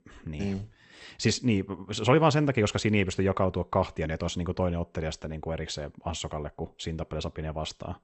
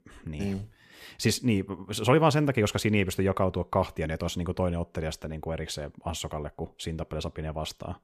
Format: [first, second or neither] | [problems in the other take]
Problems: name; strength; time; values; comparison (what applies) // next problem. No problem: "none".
second | garbled, watery; slightly; nothing above 8 kHz